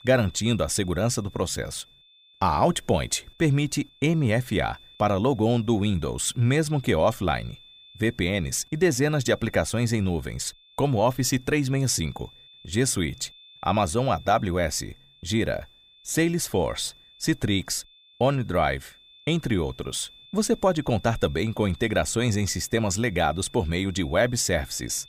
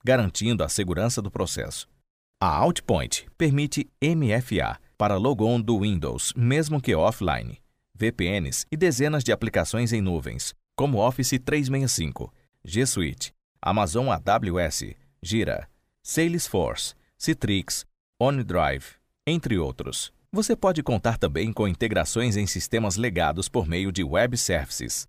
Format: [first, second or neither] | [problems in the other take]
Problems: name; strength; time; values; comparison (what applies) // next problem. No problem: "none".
second | high-pitched whine; faint; throughout; 3.5 kHz, 25 dB below the speech